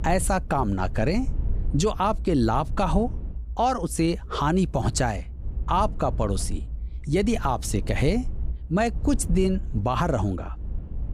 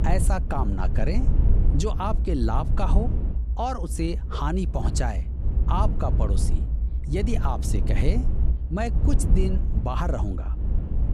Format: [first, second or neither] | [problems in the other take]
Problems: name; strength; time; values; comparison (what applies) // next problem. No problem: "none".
first | low rumble; loud; throughout; 10 dB below the speech; faint in the first